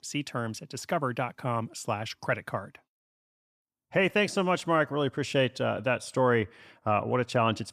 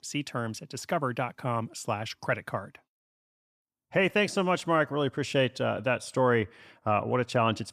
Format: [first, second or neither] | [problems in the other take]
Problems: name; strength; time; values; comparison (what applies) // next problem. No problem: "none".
neither | none